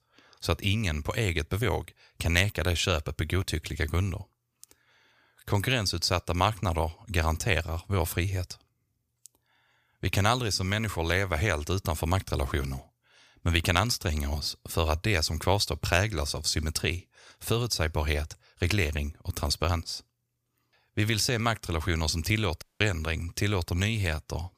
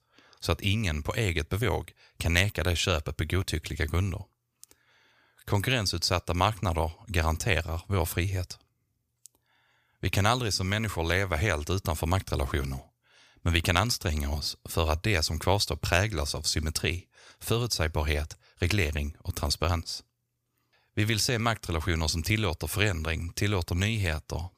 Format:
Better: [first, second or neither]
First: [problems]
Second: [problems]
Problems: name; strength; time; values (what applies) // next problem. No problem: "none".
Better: second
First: audio cutting out; at 23 s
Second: none